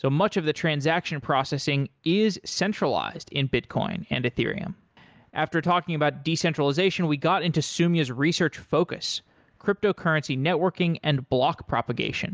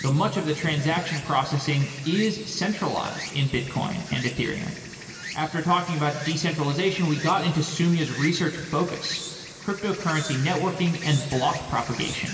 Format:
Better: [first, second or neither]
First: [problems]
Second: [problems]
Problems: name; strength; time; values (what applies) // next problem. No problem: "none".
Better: first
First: none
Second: background sound (Insect); 13 dB below the speech // room echo; dies away in 2.5 s